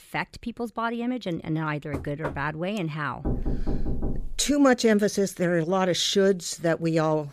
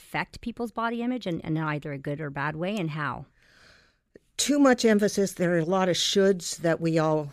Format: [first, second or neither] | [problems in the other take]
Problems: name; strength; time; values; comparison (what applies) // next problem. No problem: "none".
second | door banging; faint; at 2 s; peak 10 dB below the speech // door banging; noticeable; from 3 to 4.5 s; peak 5 dB below the speech